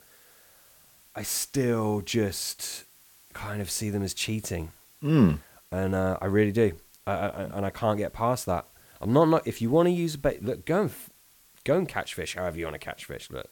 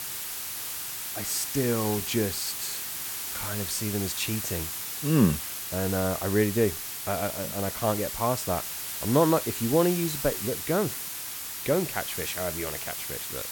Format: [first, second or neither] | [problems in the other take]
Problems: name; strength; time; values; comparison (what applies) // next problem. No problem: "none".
first | hiss; loud; throughout; 3 dB below the speech; faint in the first